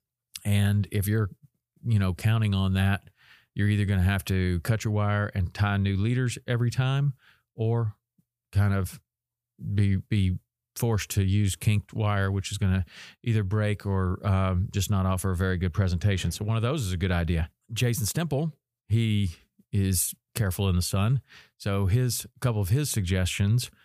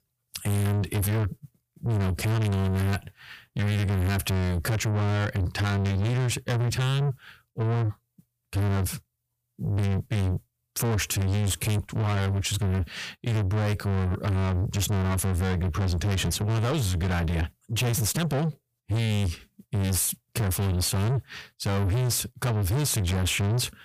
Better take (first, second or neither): first